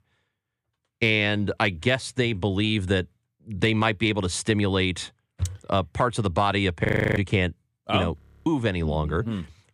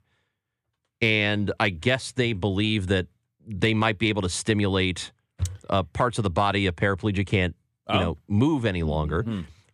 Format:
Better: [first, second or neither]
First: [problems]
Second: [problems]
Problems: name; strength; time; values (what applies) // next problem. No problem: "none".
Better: second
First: audio freezing; at 7 s and at 8 s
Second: none